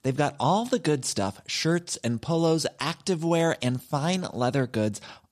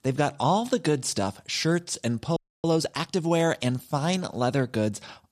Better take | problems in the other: first | audio freezing; at 2.5 s

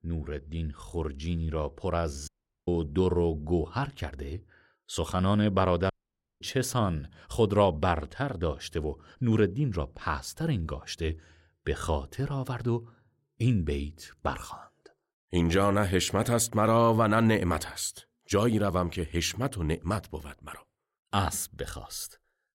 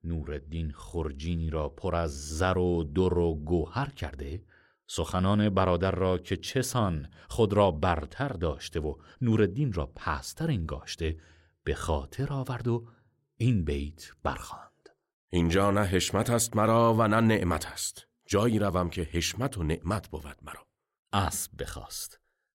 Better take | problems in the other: second | audio cutting out; at 2.5 s and at 6 s for 0.5 s

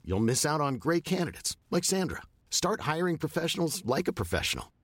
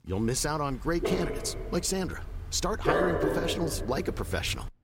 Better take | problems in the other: first | dog barking; loud; peak 4 dB above the speech

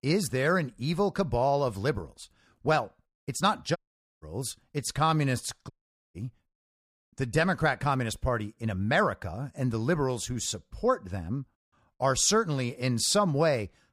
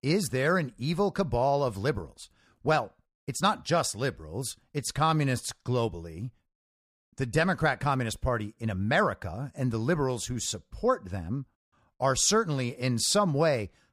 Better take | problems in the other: second | audio cutting out; at 4 s and at 5.5 s

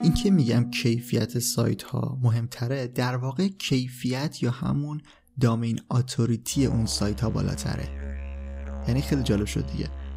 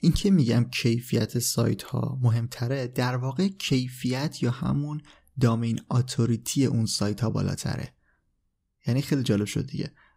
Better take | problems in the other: second | background music; noticeable; throughout; 10 dB below the speech

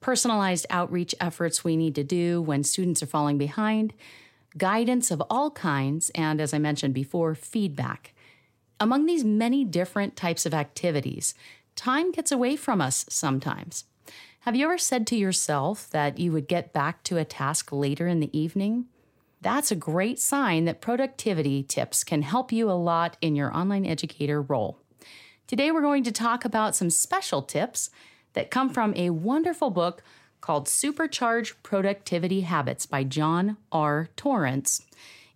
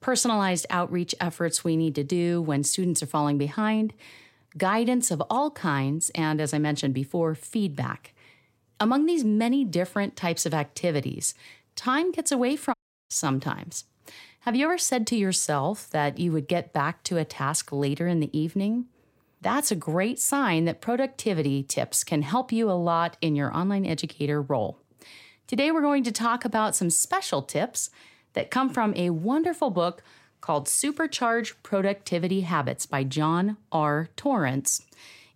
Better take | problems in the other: first | audio cutting out; at 13 s

